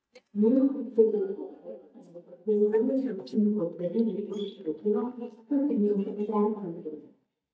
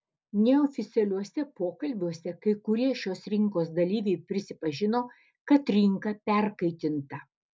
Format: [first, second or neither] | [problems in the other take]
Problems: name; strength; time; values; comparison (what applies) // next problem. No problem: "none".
second | noise reduction (neural mask model DeepFilterNet 3)